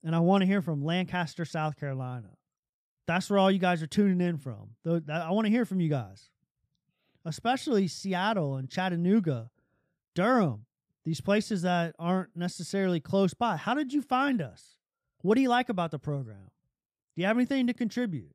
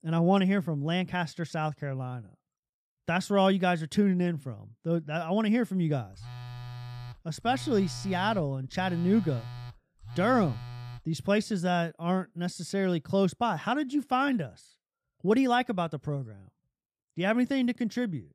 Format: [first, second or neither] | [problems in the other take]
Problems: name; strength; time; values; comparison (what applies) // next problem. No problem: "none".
first | phone ringing; faint; from 6 to 11 s; peak 15 dB below the speech